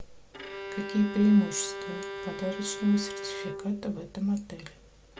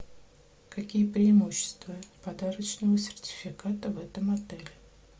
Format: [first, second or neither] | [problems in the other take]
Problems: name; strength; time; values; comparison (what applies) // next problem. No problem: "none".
second | background sound (Bowed string instrument); 10 dB below the speech